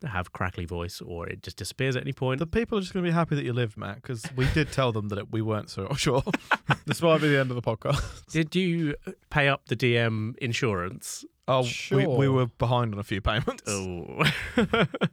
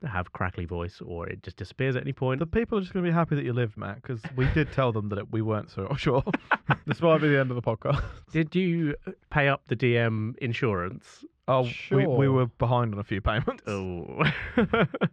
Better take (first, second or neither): first